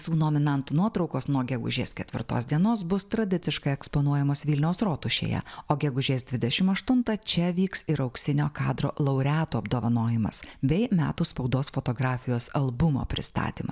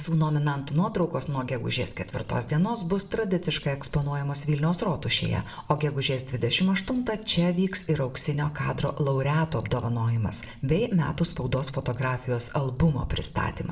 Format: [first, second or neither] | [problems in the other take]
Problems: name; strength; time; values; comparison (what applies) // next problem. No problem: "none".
first | room echo; dies away in 0.5 s